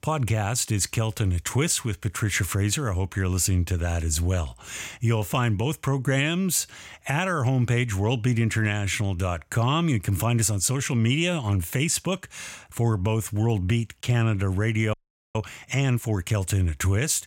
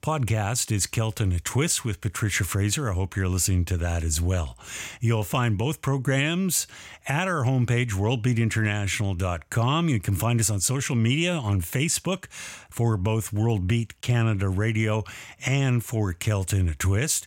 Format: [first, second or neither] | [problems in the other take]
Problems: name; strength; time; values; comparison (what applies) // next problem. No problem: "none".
second | audio freezing; at 15 s